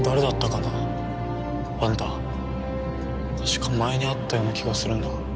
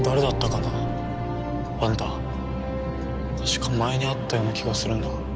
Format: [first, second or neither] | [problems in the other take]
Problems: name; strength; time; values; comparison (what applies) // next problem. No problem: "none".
first | background sound (Thunder); 18 dB below the speech